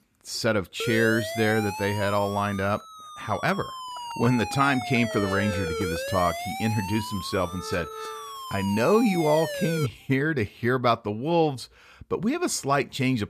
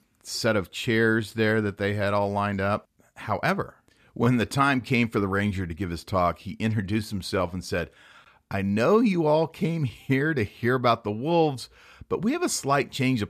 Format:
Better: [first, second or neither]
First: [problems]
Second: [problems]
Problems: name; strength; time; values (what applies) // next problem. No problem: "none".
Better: second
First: siren; noticeable; from 1 to 10 s; peak 4 dB below the speech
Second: none